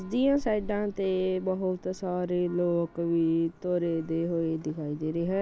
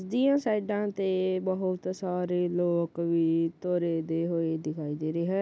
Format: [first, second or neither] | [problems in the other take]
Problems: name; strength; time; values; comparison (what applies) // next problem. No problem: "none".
second | background sound (Church bell); 18 dB below the speech